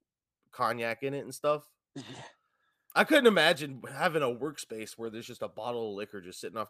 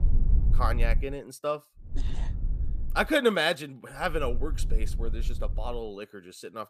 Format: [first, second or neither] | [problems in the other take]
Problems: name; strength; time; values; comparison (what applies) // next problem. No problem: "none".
first | low rumble; faint; until 1 s, from 2 to 3 s and from 4 to 6 s; 20 dB below the speech